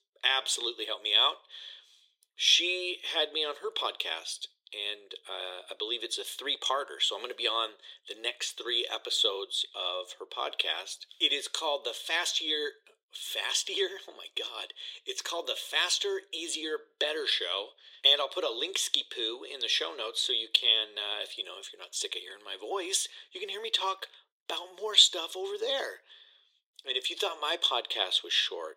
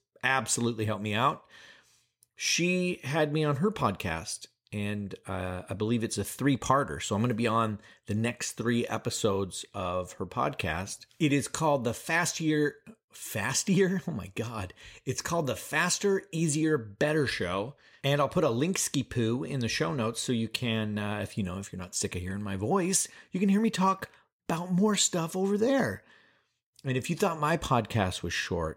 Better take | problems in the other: second | thin; very; fading below 350 Hz

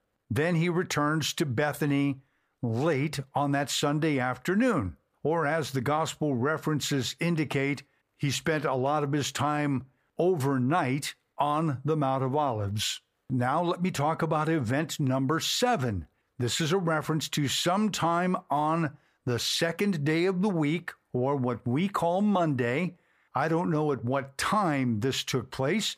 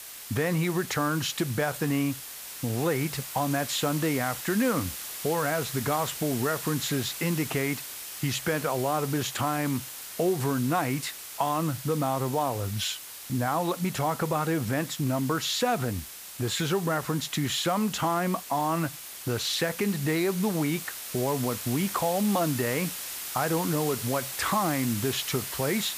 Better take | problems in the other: first | hiss; loud; throughout; 8 dB below the speech

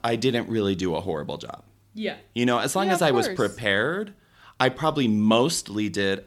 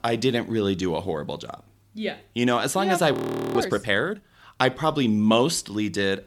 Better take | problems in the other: first | audio freezing; at 3 s

